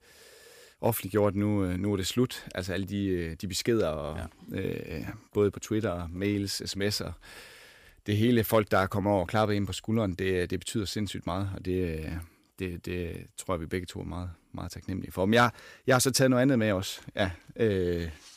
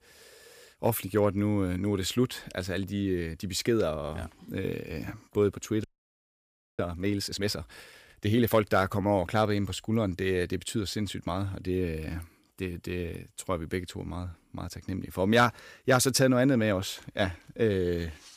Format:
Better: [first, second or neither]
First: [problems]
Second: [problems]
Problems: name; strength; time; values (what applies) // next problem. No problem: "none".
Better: first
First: none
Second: audio freezing; at 6 s for 1 s